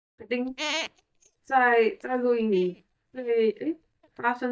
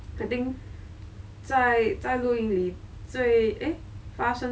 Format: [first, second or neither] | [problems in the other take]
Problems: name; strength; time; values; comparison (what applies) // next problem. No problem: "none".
second | noise reduction (neural mask model DeepFilterNet 3)